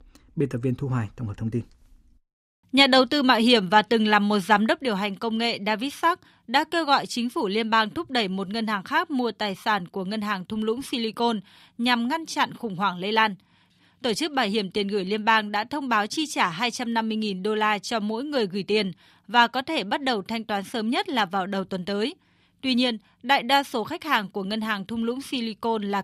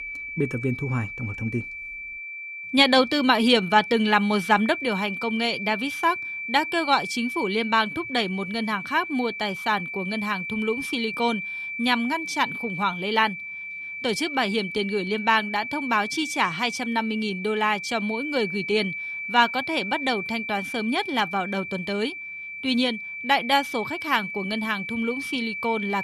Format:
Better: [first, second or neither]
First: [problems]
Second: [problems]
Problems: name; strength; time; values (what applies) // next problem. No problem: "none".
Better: first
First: none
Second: high-pitched whine; loud; throughout; 2.5 kHz, 7 dB below the speech